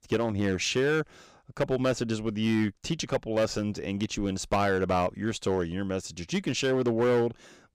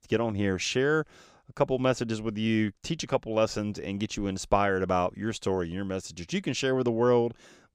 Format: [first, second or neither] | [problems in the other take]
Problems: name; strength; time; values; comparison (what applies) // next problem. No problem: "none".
second | distortion; slight; 6% of the sound clipped